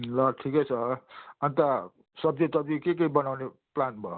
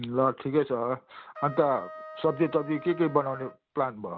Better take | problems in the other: first | background sound (Trumpet); 16 dB below the speech

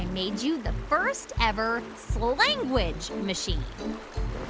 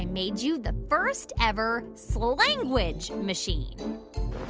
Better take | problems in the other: second | background sound (Stream); 18 dB below the speech

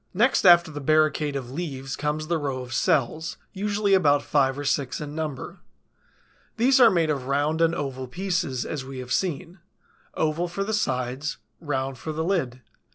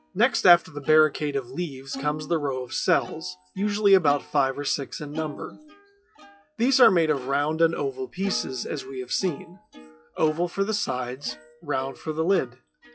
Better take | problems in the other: first | noise reduction (classical method WPE with log-MMSE)

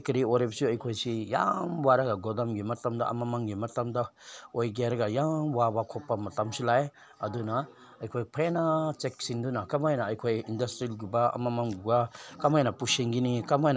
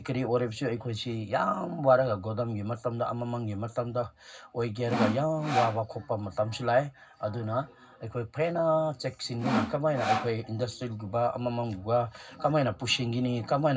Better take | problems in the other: first | background sound (Sawing); 1 dB below the speech // room echo; dies away in 0.4 s

